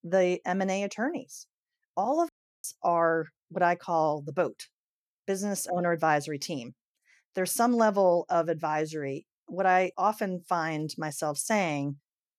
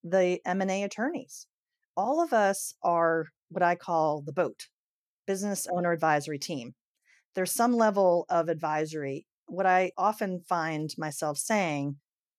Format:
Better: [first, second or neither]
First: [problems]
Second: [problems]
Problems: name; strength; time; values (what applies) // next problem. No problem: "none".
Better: second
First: audio cutting out; at 2.5 s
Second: none